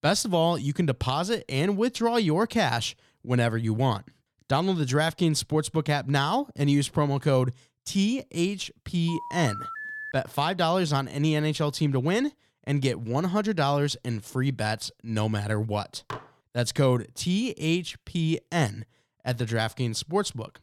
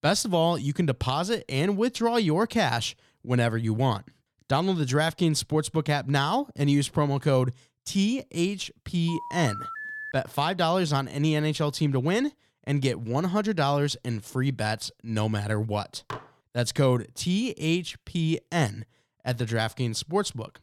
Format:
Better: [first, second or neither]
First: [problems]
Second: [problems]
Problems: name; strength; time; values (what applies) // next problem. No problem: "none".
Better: neither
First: phone ringing; noticeable; from 9 to 10 s; peak 8 dB below the speech // clattering dishes; faint; at 16 s; peak 15 dB below the speech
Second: phone ringing; noticeable; from 9 to 10 s; peak 8 dB below the speech // clattering dishes; faint; at 16 s; peak 15 dB below the speech